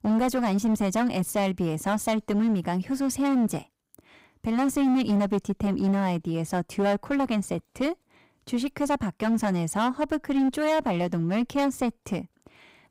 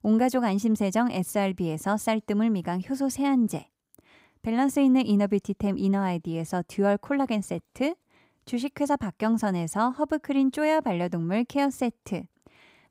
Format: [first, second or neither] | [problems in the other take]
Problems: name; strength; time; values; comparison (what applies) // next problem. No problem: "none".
second | distortion; slight; 13% of the sound clipped